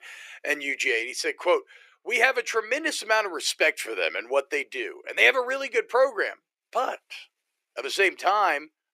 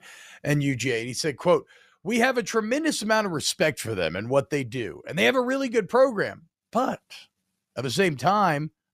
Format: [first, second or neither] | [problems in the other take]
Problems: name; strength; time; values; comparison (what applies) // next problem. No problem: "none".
second | thin; very; fading below 350 Hz